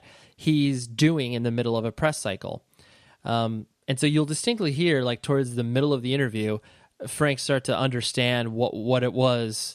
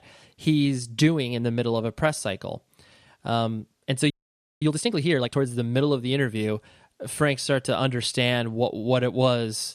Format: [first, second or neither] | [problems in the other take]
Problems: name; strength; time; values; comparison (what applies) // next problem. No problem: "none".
first | audio freezing; at 4 s for 0.5 s